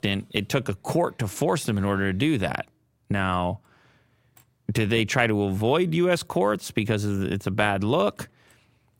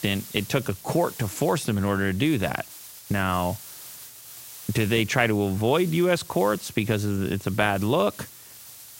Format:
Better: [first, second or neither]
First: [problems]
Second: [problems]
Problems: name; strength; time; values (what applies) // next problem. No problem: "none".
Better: first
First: none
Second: hiss; noticeable; throughout; 15 dB below the speech